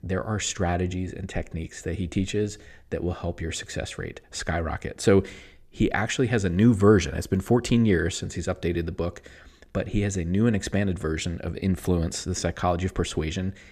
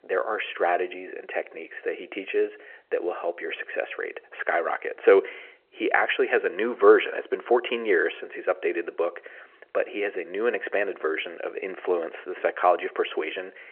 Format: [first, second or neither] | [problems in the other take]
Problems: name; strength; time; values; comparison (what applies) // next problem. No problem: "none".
first | phone-call audio